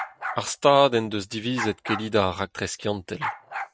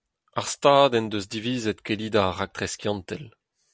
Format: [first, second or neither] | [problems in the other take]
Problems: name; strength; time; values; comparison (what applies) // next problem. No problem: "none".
second | noise reduction (neural mask model RNNoise)